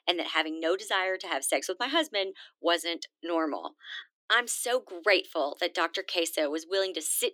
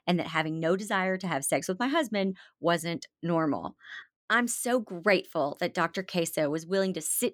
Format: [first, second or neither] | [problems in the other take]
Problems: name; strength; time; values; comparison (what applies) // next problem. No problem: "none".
second | thin; somewhat; fading below 300 Hz